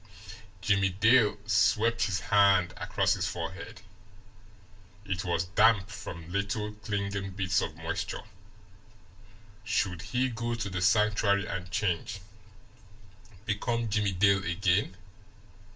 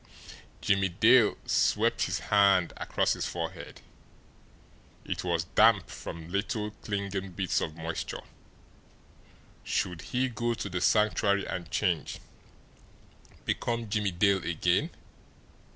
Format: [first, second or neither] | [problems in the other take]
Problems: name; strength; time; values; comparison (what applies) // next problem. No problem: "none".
second | room echo; dies away in 0.2 s